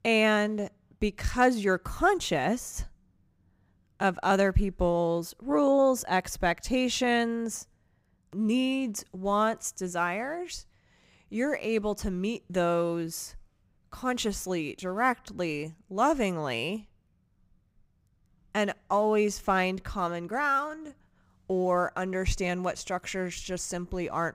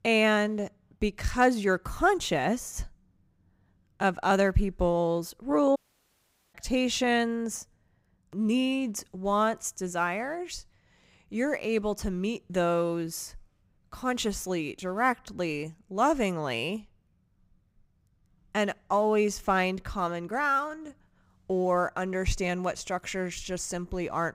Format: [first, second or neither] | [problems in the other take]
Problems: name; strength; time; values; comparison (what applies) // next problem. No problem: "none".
first | audio cutting out; at 6 s for 1 s